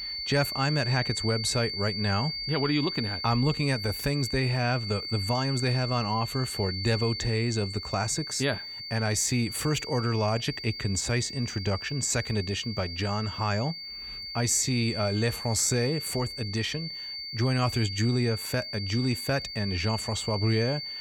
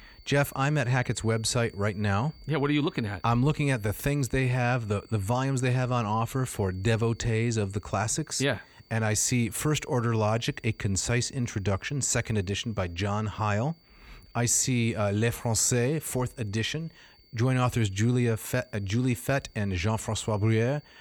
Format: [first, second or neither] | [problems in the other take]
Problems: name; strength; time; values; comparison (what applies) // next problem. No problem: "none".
second | high-pitched whine; loud; throughout; 4.5 kHz, 6 dB below the speech; faint in the second